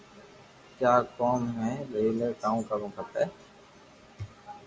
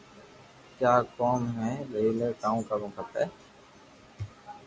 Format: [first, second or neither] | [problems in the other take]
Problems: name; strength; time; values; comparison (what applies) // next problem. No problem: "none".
second | room echo; dies away in 0.8 s